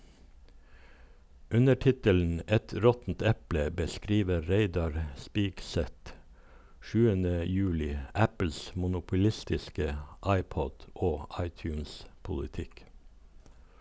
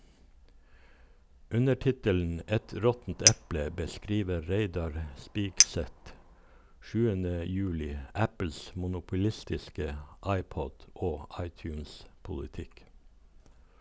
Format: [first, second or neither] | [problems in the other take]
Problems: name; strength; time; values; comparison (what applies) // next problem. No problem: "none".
first | background sound (Chink, clink); as loud as the speech